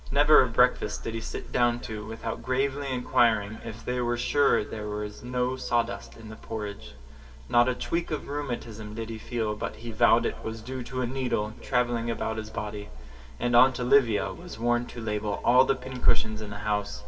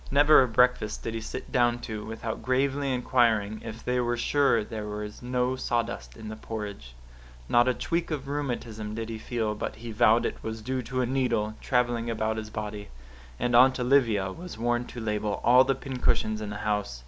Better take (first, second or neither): second